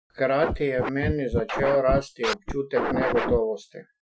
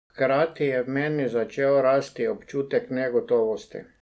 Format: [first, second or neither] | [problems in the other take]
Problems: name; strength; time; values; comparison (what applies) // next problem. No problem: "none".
second | noise reduction (classical method Wiener filter)